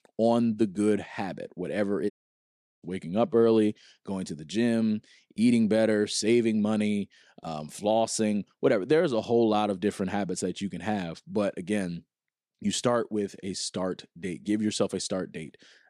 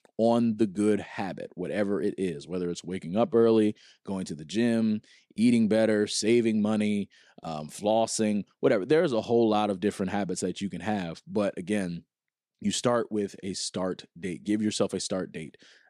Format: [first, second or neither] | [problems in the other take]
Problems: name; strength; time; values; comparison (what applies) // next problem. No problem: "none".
second | audio cutting out; at 2 s for 0.5 s